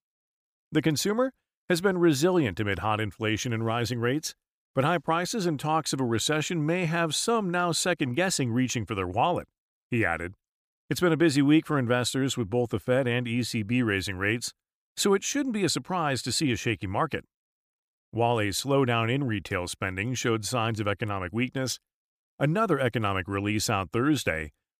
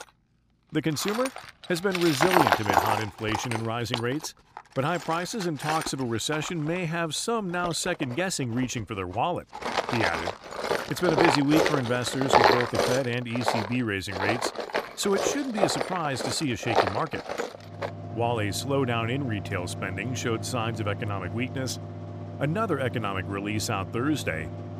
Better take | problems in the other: first | machinery noise; loud; throughout; 1 dB below the speech

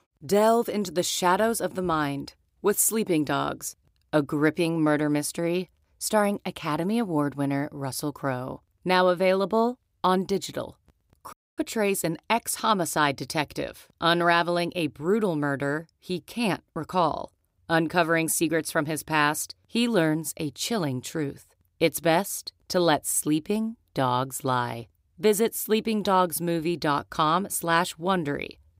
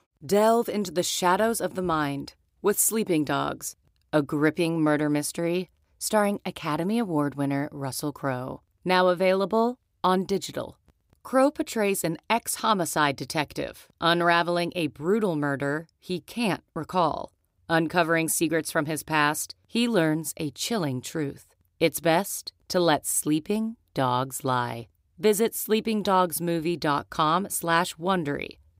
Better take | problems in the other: second | audio cutting out; at 11 s

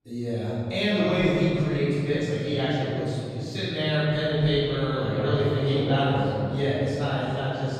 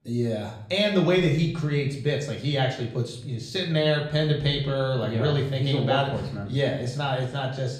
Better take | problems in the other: second | room echo; strong; dies away in 3 s; slight in the second // off-mic speech; far; far in the second

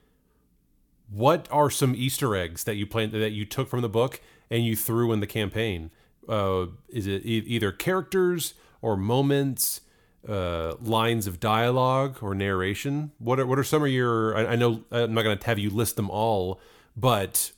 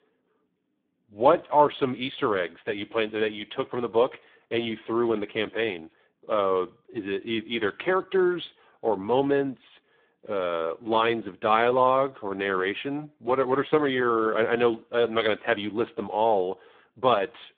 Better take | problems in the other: first | phone-call audio; poor line; nothing above 3.5 kHz

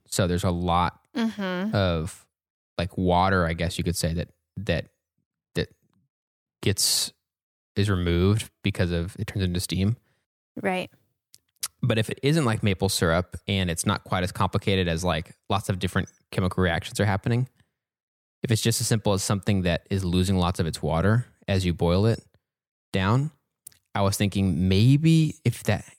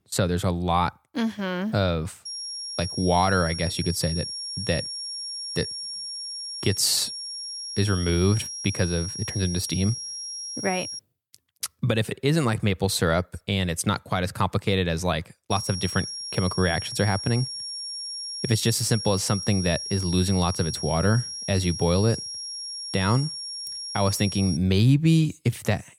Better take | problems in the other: first | high-pitched whine; loud; from 2.5 to 11 s and from 16 to 25 s; 5.5 kHz, 6 dB below the speech

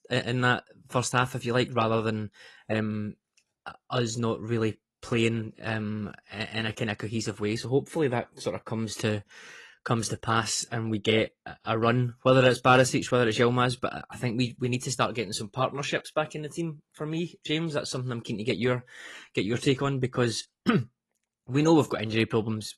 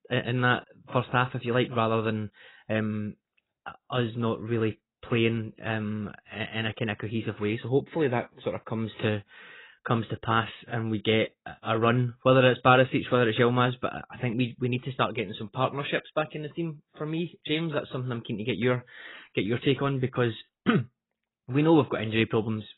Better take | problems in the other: first | garbled, watery; badly; nothing above 4 kHz; slightly in the first

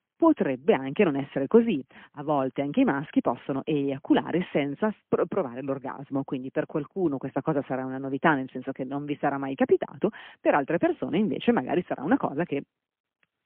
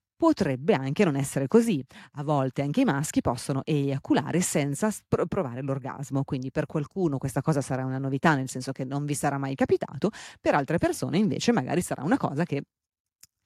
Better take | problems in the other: second | phone-call audio; poor line; nothing above 3 kHz

